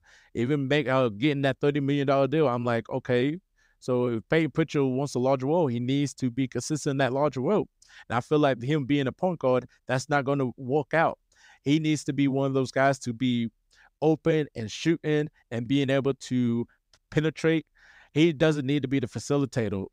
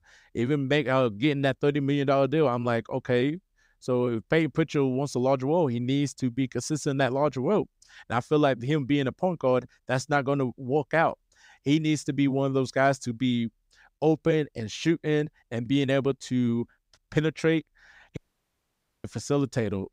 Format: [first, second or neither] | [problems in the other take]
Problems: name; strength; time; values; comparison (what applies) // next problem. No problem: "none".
first | audio cutting out; at 18 s for 1 s